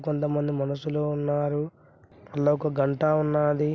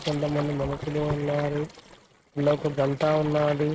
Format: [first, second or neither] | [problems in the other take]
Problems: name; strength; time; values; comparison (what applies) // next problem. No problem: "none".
first | noise reduction (neural mask model RNNoise)